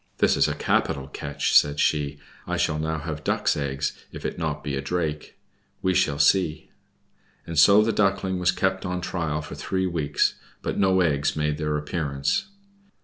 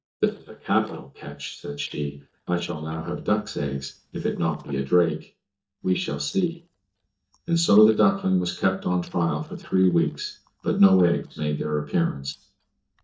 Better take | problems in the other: first | noise reduction (neural mask model DeepFilterNet 3)

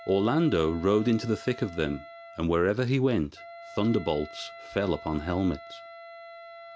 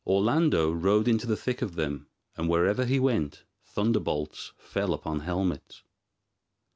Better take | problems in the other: second | background sound (Wind instrument, woodwind instrument); 18 dB below the speech

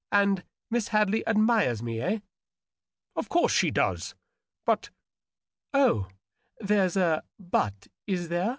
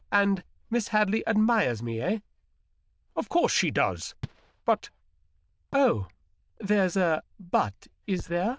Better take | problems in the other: first | noise reduction (neural diffusion model UNIVERSE++)

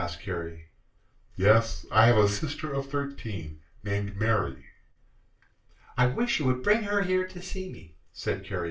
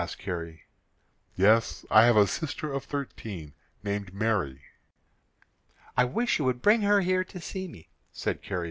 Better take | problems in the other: second | room echo; dies away in 0.3 s

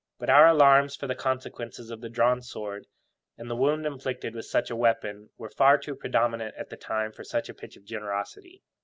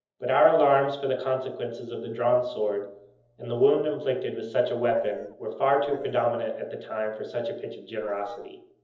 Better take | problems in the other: first | noise reduction (neural separator model SepFormer DNS4)

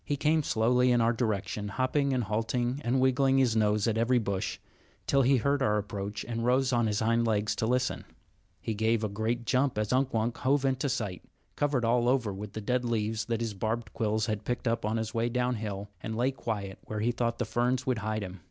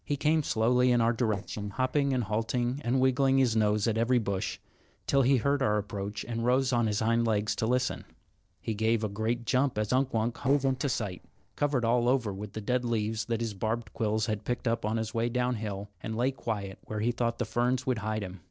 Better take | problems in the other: first | noise reduction (neural separator model SepFormer DNS4)

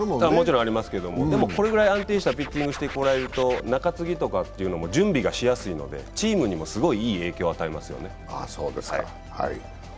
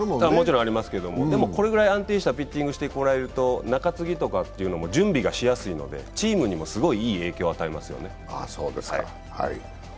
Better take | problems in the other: second | background sound (Scratching (performance technique)); 13 dB below the speech

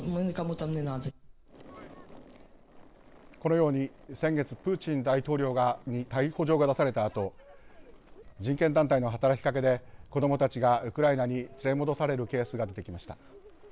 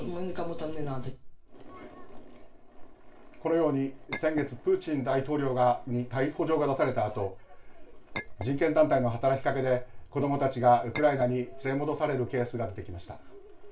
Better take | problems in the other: first | background sound (Chink, clink); 14 dB below the speech // room echo; dies away in 0.3 s

